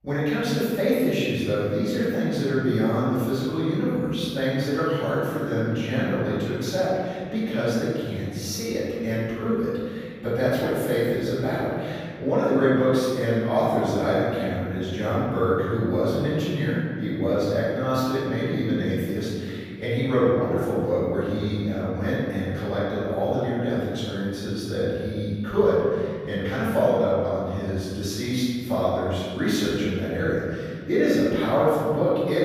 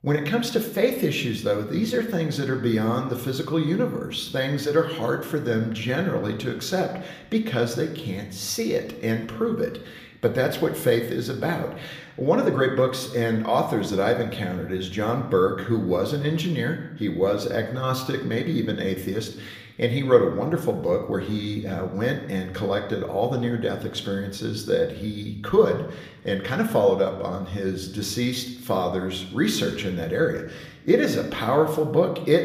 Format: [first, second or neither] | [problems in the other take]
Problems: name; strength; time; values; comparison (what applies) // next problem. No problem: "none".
second | room echo; strong; dies away in 1.9 s; slight in the second // off-mic speech; far; somewhat distant in the second